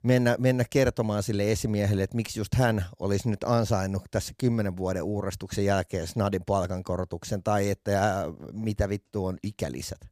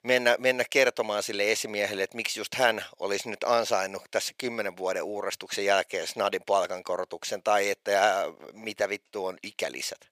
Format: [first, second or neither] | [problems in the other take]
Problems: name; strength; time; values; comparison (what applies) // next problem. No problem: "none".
first | thin; very; fading below 550 Hz